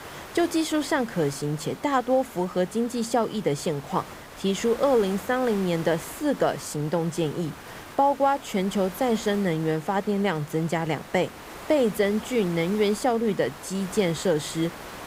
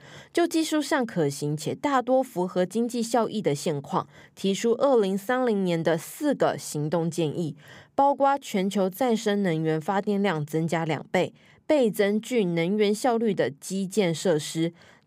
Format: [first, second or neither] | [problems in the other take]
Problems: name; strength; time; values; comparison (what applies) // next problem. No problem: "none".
second | hiss; noticeable; throughout; 15 dB below the speech